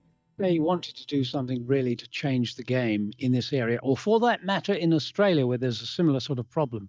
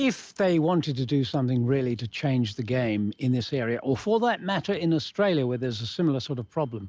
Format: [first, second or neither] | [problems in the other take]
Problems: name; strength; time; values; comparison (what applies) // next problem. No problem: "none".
second | noise reduction (neural mask model DeepFilterNet 3)